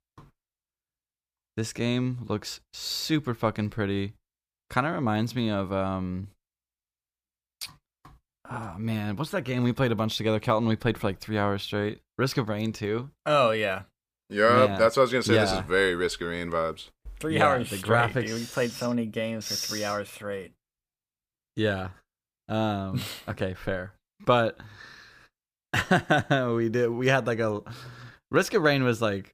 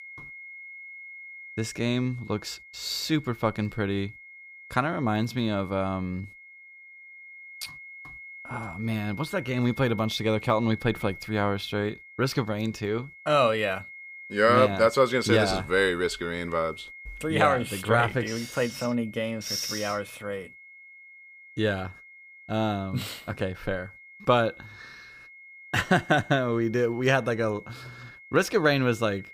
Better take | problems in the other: first | high-pitched whine; noticeable; throughout; 2 kHz, 15 dB below the speech

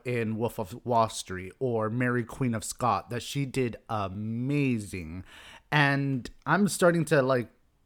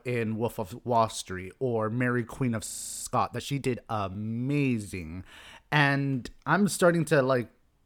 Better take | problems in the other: first | audio freezing; at 2.5 s

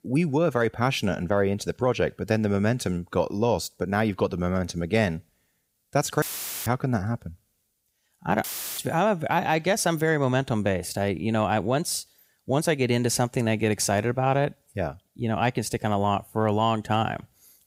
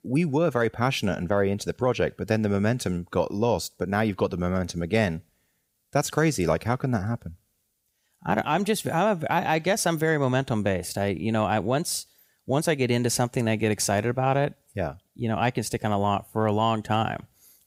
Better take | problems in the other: second | audio cutting out; filled with static; at 6 s and at 8.5 s

